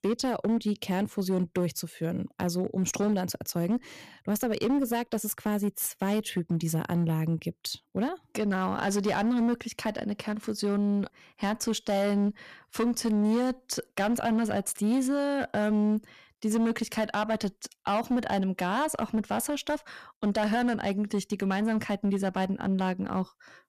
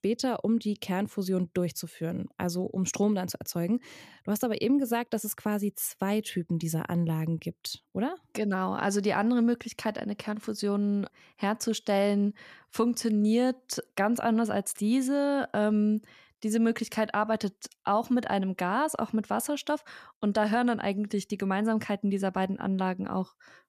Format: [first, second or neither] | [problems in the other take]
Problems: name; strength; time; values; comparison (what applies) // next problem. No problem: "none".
second | distortion; slight; 12% of the sound clipped